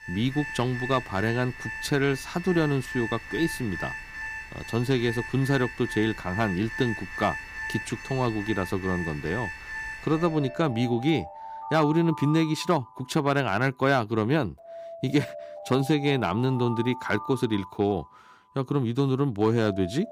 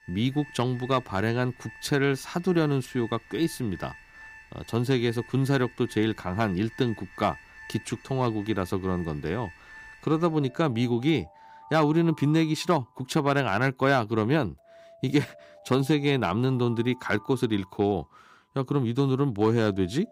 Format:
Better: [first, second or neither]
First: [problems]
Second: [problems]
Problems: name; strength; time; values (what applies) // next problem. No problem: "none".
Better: second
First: alarms or sirens; loud; throughout; 9 dB below the speech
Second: alarms or sirens; faint; throughout; 20 dB below the speech